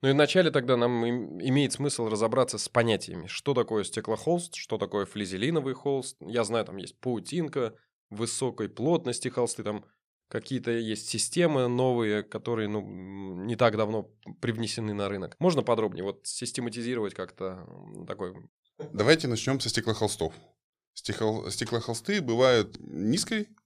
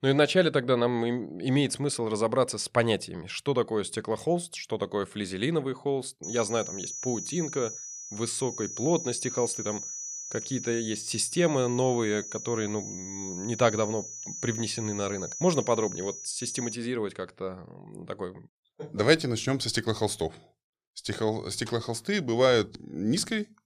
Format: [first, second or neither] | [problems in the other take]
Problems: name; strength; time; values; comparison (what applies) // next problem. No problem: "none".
first | high-pitched whine; loud; from 6 to 17 s; 6 kHz, 8 dB below the speech